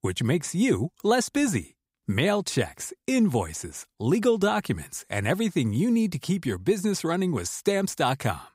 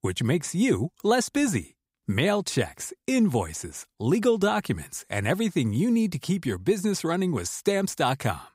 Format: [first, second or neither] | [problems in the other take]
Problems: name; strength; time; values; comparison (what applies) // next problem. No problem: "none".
neither | none